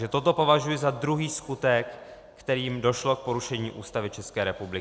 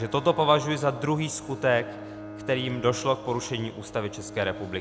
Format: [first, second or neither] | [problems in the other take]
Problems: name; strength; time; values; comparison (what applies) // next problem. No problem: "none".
first | background sound (Bowed string instrument); 14 dB below the speech